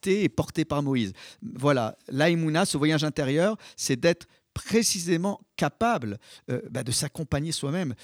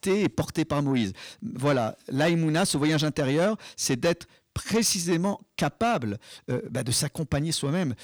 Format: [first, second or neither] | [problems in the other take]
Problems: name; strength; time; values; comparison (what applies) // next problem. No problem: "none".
first | distortion; slight; 10 dB below the speech